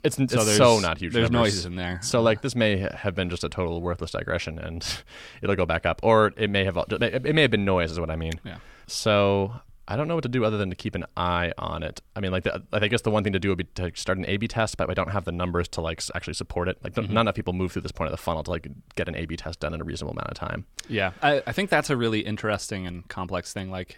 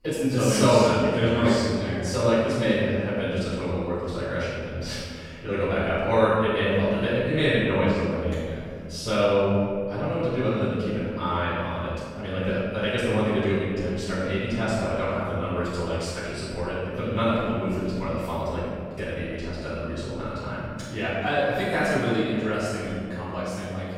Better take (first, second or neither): first